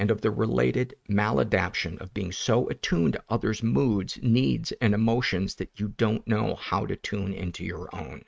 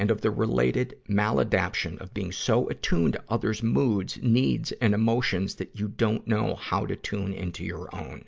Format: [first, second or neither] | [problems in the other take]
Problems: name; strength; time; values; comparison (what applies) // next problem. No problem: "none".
second | noise reduction (neural mask model RNNoise)